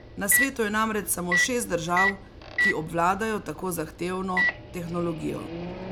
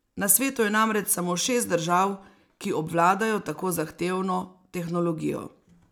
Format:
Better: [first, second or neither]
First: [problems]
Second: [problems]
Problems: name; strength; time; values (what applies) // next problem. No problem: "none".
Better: second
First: background sound (Microwave oven); 2 dB below the speech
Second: none